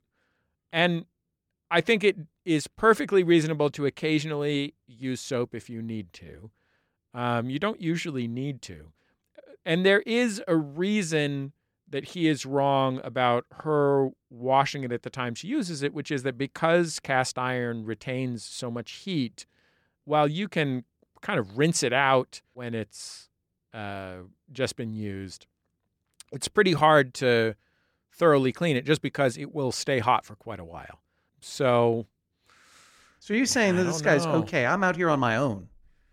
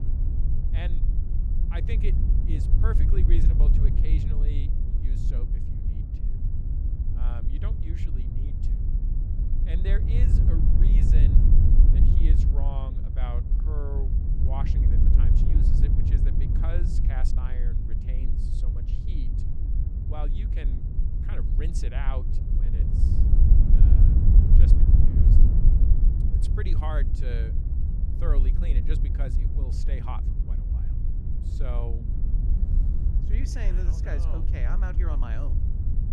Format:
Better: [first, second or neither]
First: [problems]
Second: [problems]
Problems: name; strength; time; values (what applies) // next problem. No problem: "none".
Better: first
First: none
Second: wind noise on the microphone; heavy; as loud as the speech